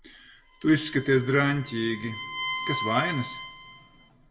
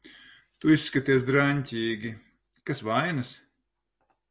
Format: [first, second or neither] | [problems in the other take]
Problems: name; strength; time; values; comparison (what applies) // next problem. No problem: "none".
second | background sound (Bowed string instrument); 9 dB below the speech // room echo; dies away in 1.4 s